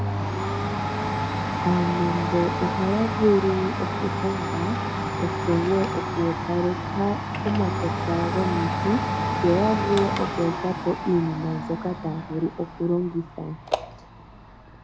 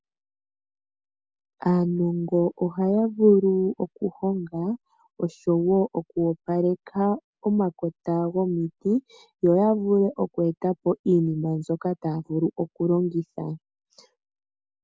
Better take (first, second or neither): second